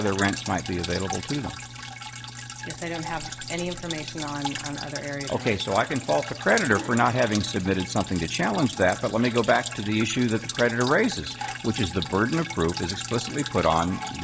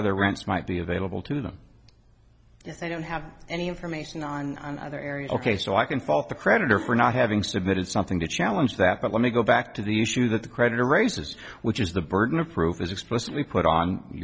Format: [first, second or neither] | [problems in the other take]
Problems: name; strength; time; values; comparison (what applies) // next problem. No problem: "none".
second | background sound (Drip); 10 dB below the speech